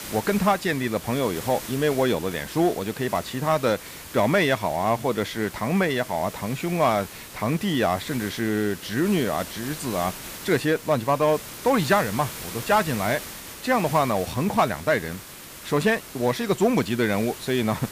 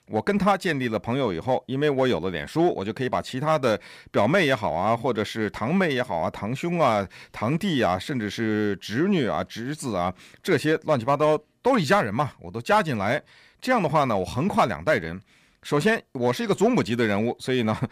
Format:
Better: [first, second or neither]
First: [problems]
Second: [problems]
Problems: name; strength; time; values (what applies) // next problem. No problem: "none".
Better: second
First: hiss; noticeable; throughout; 15 dB below the speech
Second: none